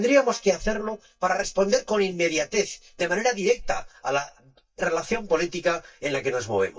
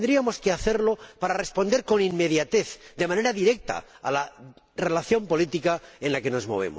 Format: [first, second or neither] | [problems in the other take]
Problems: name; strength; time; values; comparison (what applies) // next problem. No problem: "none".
second | noise reduction (neural mask model DeepFilterNet 3)